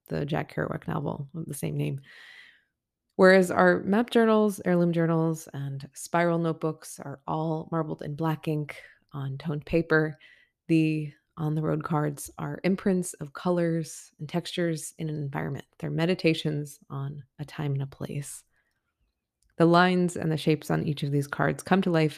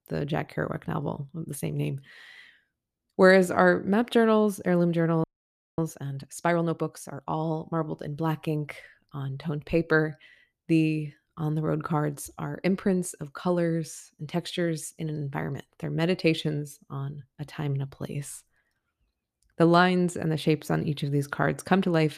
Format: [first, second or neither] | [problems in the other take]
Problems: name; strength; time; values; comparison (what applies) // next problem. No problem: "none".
first | audio freezing; at 5 s for 0.5 s